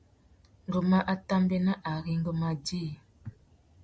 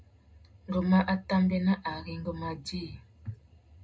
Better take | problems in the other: first | room echo; dies away in 0.2 s

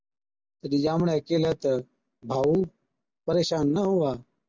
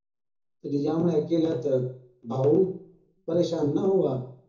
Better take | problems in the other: first | room echo; dies away in 0.6 s

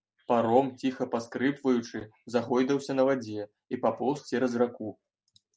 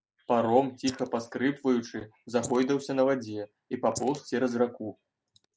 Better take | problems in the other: first | noise reduction (neural mask model Resemble Enhance denoiser)

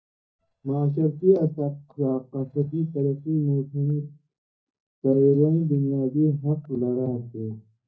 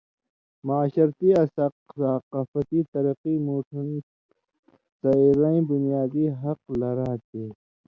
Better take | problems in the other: second | noise reduction (neural mask model DeepFilterNet 3)

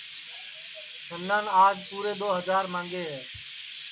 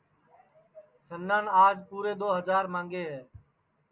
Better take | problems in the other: second | background sound (Chirp, tweet); 13 dB below the speech

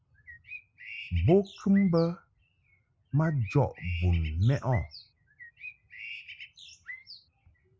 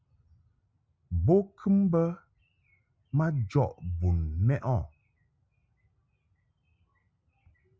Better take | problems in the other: second | background sound (Bird); 16 dB below the speech

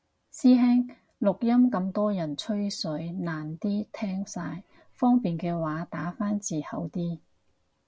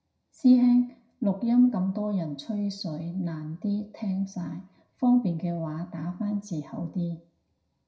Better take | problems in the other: first | room echo; dies away in 0.5 s

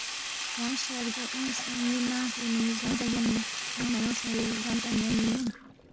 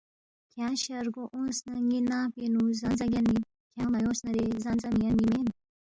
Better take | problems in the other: second | background sound (Sink (filling or washing)); 4 dB below the speech

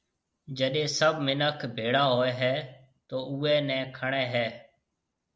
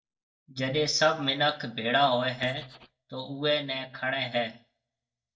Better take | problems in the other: first | noise reduction (neural mask model DeepFilterNet 3)

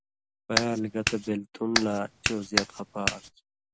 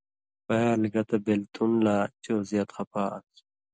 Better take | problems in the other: second | background sound (Clapping); 1 dB above the speech

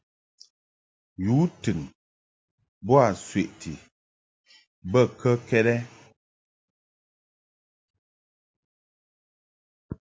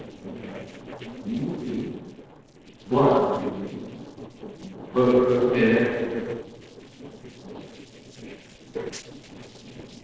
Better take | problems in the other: first | noise reduction (neural separator model SepFormer DNS4)

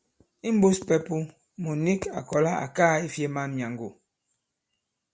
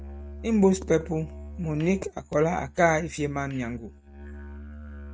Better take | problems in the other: first | noise reduction (neural mask model RNNoise)

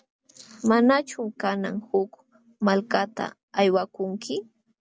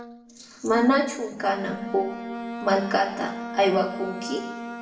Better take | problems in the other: first | background sound (Bowed string instrument); 10 dB below the speech // room echo; dies away in 0.8 s

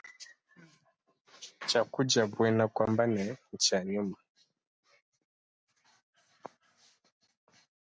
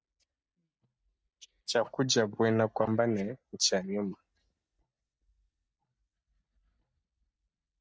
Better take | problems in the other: first | noise reduction (neural mask model DeepFilterNet 3)

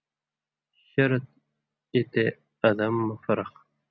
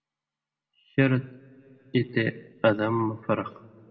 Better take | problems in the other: first | room echo; dies away in 1.3 s

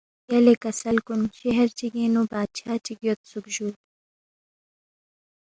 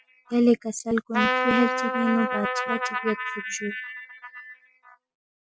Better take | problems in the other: first | noise reduction (classical method Wiener filter)

